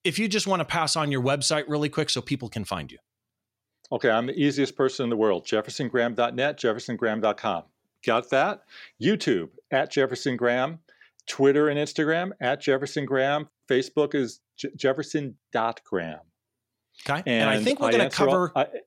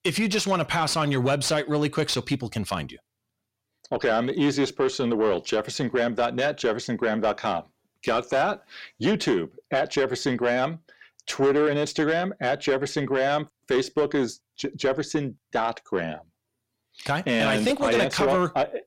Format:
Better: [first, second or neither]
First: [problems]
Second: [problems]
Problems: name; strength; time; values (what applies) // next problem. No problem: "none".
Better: first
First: none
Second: distortion; slight; 10 dB below the speech